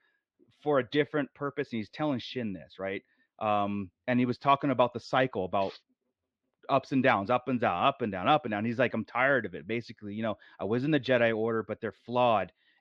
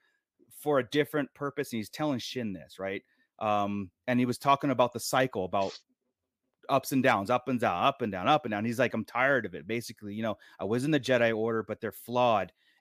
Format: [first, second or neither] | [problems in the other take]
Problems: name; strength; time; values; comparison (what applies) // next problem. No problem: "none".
second | muffled; slightly; fading above 4 kHz